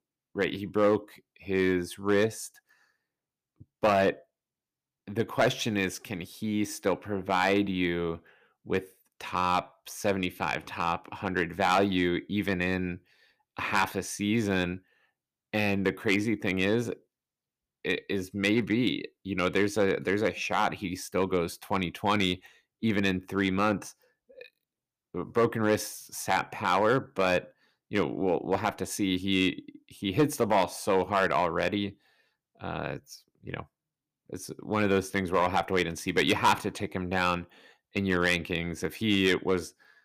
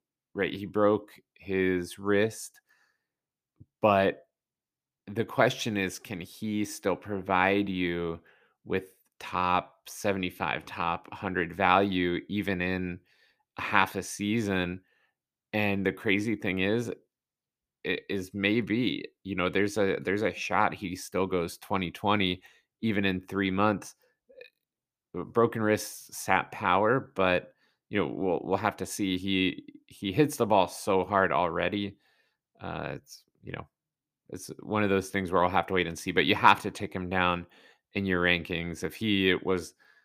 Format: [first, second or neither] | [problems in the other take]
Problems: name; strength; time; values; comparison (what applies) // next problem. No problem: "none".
second | distortion; slight; 1.3% of the sound clipped